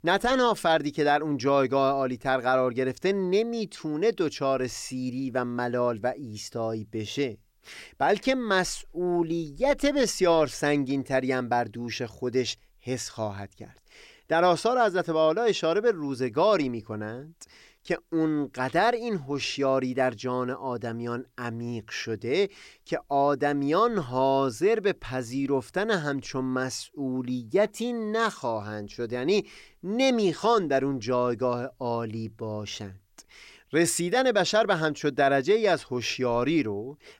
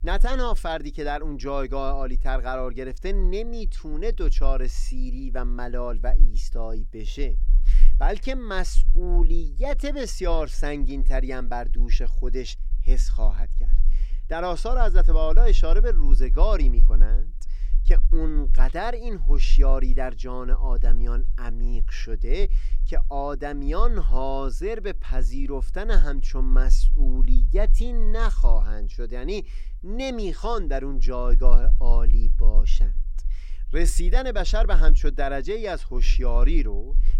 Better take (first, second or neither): first